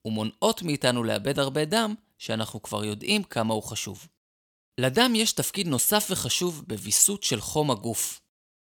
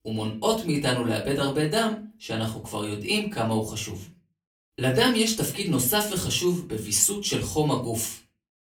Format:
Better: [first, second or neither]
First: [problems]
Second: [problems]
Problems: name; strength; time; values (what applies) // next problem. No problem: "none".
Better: first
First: none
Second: off-mic speech; far // room echo; very slight; dies away in 0.3 s